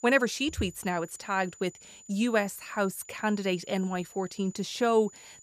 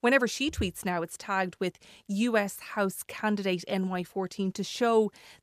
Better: second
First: high-pitched whine; faint; throughout; 7 kHz, 20 dB below the speech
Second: none

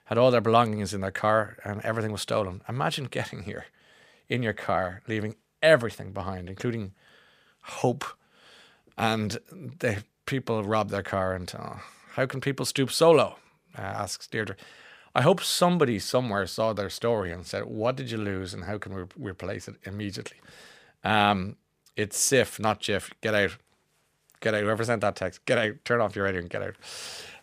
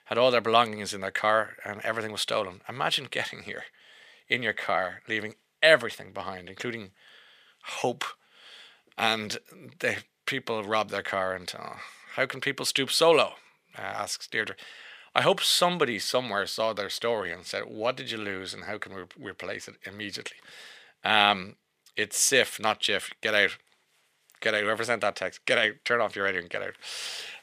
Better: first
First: none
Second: thin; somewhat; fading below 500 Hz

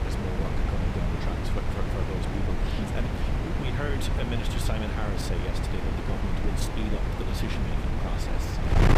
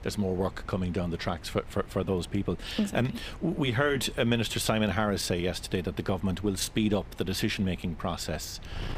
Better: second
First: wind noise on the microphone; heavy; 3 dB above the speech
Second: wind noise on the microphone; occasional gusts; 20 dB below the speech

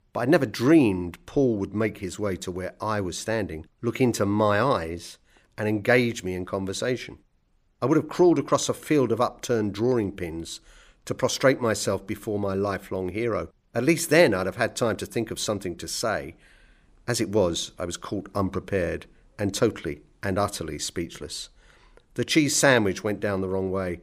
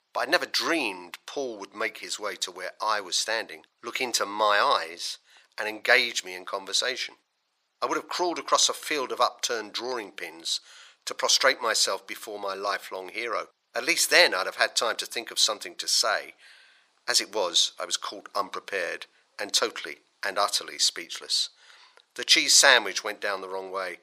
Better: first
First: none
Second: thin; very; fading below 850 Hz

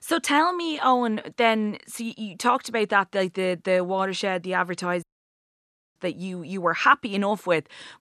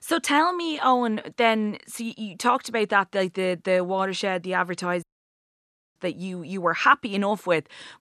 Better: neither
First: audio cutting out; at 5 s for 1 s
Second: audio cutting out; at 5 s for 1 s

